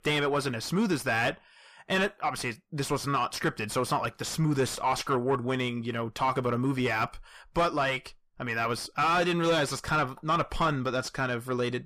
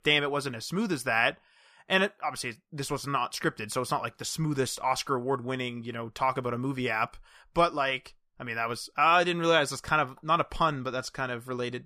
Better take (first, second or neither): second